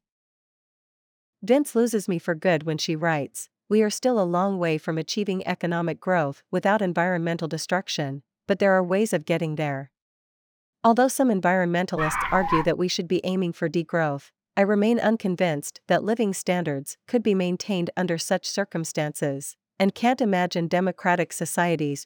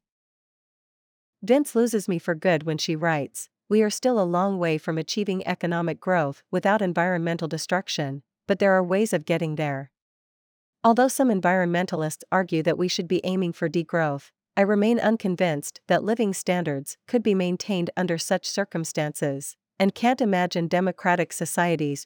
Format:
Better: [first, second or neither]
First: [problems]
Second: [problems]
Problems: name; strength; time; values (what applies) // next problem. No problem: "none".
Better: second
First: dog barking; noticeable; at 12 s; peak 1 dB below the speech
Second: none